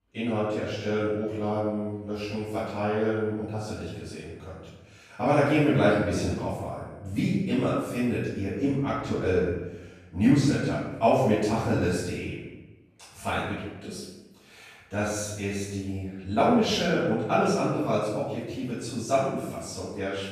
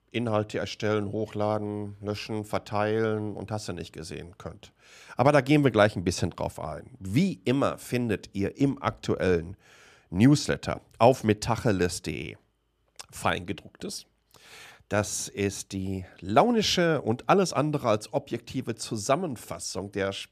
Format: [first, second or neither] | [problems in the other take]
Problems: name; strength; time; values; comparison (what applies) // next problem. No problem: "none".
second | off-mic speech; far // room echo; strong; dies away in 0.9 s